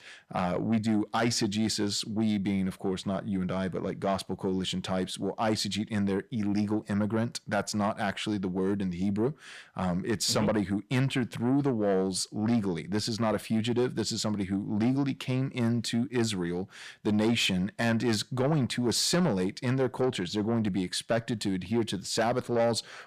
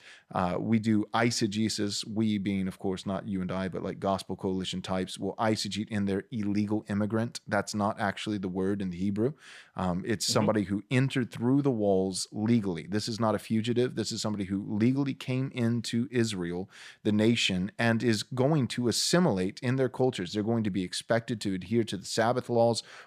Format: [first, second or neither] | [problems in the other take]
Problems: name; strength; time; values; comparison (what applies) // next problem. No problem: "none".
second | distortion; slight; 10 dB below the speech